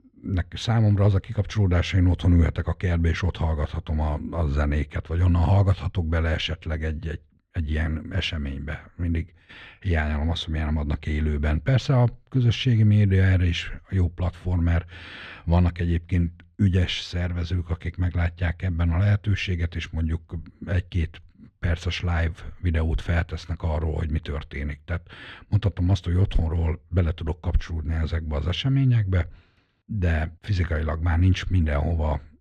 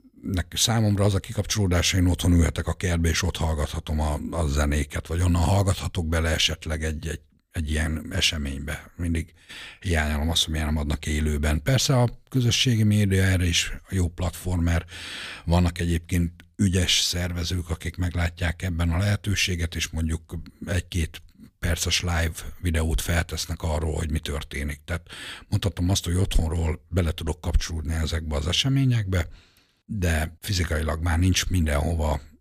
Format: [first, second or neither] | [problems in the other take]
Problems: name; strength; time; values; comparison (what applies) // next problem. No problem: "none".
second | muffled; slightly; fading above 2.5 kHz